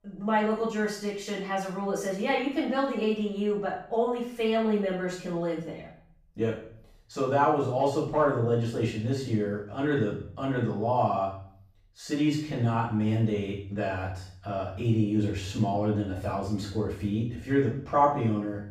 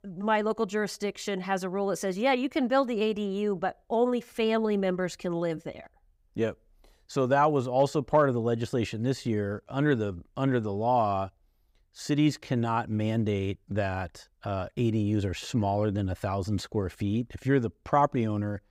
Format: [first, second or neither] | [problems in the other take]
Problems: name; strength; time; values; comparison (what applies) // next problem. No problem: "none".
second | off-mic speech; far // room echo; noticeable; dies away in 0.5 s